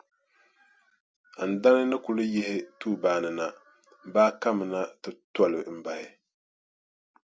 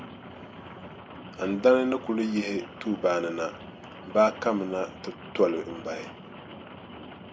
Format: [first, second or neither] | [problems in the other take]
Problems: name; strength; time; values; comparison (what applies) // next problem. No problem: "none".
first | background sound (Rain); 15 dB below the speech